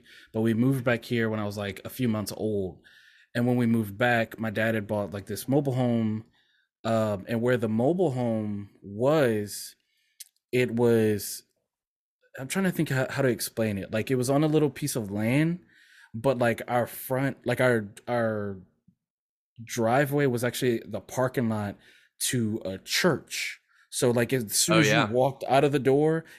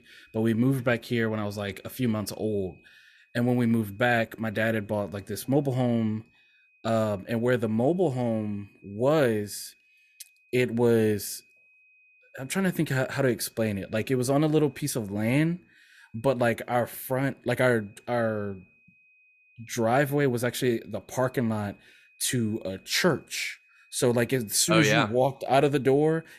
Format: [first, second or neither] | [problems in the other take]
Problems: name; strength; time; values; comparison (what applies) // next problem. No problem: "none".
first | high-pitched whine; faint; throughout; 2.5 kHz, 35 dB below the speech